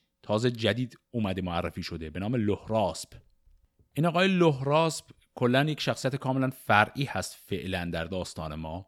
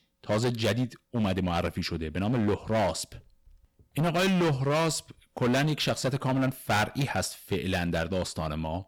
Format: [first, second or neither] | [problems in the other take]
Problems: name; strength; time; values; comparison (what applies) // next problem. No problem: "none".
first | distortion; heavy; 13% of the sound clipped